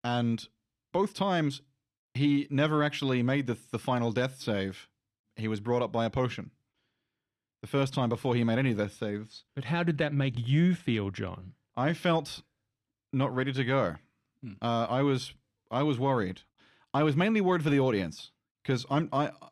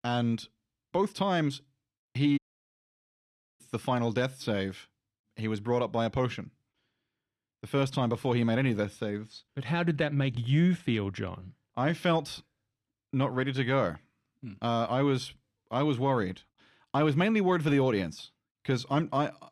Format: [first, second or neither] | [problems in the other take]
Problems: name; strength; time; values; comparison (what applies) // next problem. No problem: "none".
first | audio cutting out; at 2.5 s for 1 s